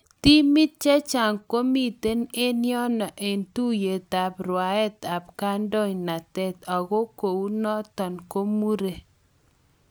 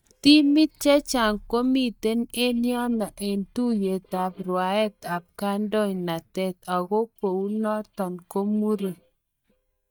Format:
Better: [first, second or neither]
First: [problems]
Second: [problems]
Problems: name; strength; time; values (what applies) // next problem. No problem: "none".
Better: first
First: none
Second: noise reduction (neural mask model DeepFilterNet 3)